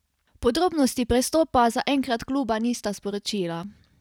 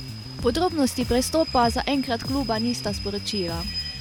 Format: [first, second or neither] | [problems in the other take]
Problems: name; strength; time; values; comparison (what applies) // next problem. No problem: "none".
first | background sound (Rain / Train + Bass guitar); 7 dB below the speech